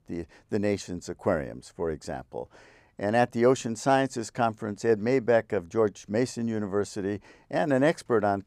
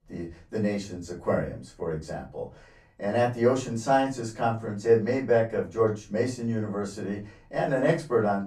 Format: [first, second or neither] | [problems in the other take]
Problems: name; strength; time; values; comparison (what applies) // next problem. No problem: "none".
first | off-mic speech; far // room echo; slight; dies away in 0.3 s